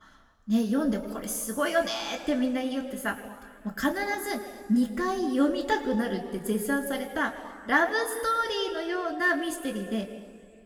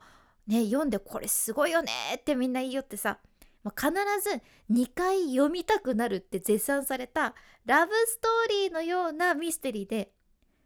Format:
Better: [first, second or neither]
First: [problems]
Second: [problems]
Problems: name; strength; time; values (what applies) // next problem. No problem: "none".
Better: second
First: room echo; slight; dies away in 2 s // off-mic speech; somewhat distant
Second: none